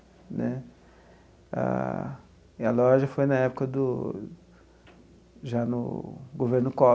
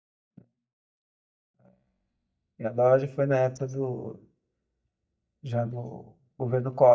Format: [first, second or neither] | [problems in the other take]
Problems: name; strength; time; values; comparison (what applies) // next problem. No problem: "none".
first | noise reduction (neural mask model DeepFilterNet 3)